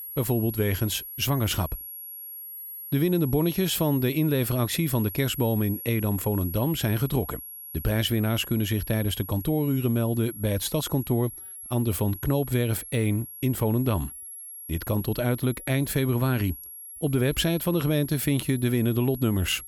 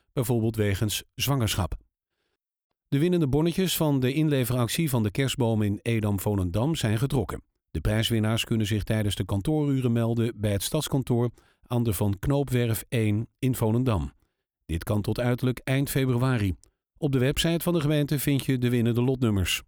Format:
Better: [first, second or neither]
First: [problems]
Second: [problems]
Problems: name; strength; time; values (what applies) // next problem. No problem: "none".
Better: second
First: high-pitched whine; noticeable; throughout; 11.5 kHz, 10 dB below the speech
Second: none